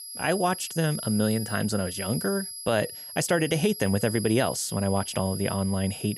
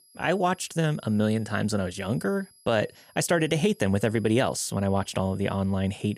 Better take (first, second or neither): second